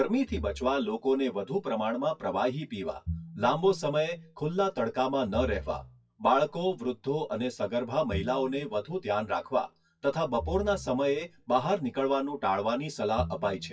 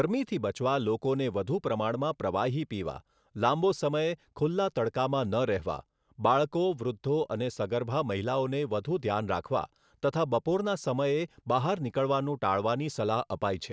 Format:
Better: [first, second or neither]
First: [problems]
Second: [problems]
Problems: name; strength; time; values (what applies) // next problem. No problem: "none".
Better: second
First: noise reduction (classical method WPE with log-MMSE)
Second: none